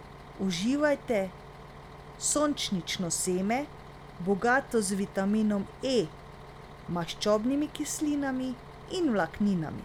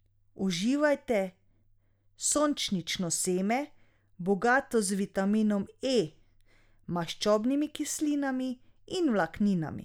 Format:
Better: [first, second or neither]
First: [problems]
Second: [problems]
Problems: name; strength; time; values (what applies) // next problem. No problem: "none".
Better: second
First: background sound (Bus); 17 dB below the speech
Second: none